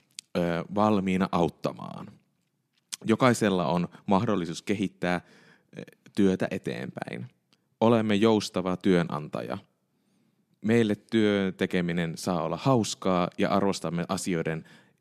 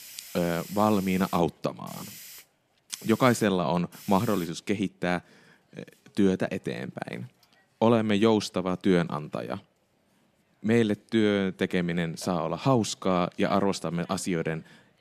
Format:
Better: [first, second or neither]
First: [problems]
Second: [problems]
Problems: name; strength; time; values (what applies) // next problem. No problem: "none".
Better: first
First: none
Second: hiss; noticeable; throughout; 20 dB below the speech